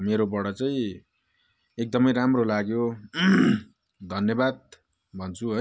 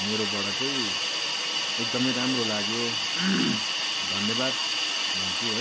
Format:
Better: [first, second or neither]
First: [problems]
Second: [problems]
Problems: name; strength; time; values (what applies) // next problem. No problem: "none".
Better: first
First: none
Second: background sound (Hiss); 4 dB above the speech